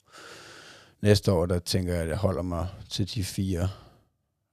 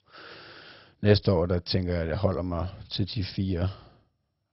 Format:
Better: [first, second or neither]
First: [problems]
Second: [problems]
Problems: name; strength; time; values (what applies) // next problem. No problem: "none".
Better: first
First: none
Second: garbled, watery; badly; nothing above 5.5 kHz